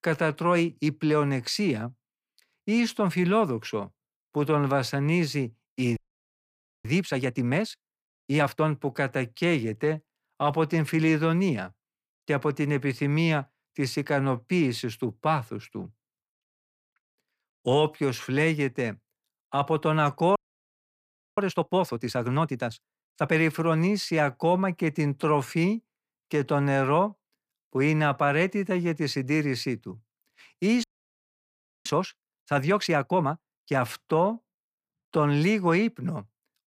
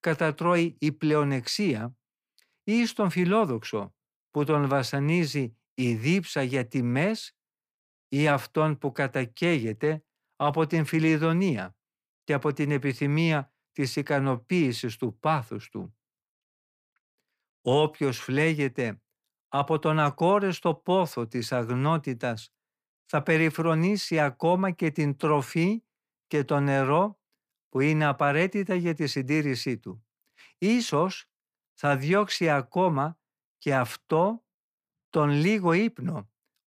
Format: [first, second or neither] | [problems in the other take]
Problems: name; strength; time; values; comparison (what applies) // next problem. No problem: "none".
second | audio freezing; at 6 s for 1 s, at 20 s for 1 s and at 31 s for 1 s